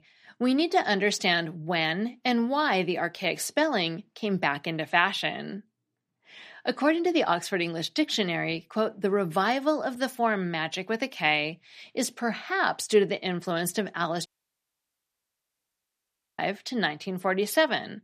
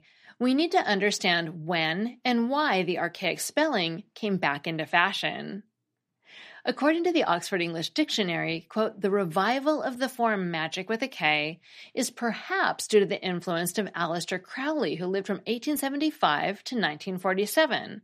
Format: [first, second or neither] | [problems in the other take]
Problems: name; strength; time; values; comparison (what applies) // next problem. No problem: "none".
second | audio cutting out; at 14 s for 2 s